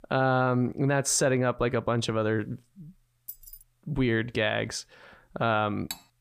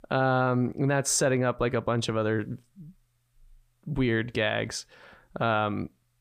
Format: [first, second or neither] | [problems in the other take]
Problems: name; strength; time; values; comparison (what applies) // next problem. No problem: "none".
second | jangling keys; faint; at 3.5 s; peak 15 dB below the speech // clattering dishes; faint; at 6 s; peak 15 dB below the speech